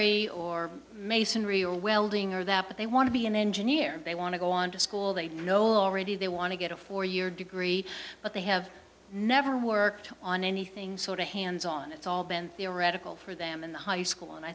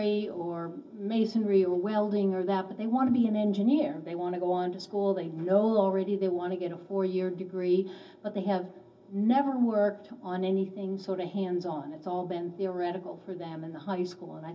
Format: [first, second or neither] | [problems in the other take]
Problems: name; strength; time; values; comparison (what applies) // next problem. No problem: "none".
first | room echo; dies away in 0.4 s